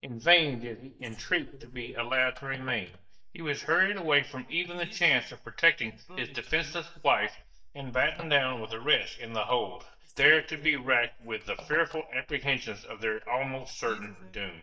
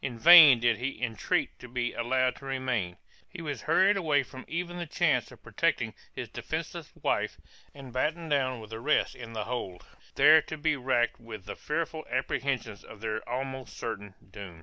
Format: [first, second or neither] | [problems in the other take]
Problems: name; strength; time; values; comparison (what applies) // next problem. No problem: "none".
second | noise reduction (neural mask model DeepFilterNet 3)